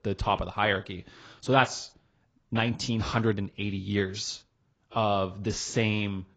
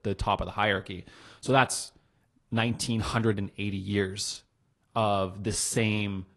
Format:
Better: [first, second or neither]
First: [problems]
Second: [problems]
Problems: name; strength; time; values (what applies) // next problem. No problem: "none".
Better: second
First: garbled, watery; badly; nothing above 7.5 kHz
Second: garbled, watery; slightly; nothing above 11 kHz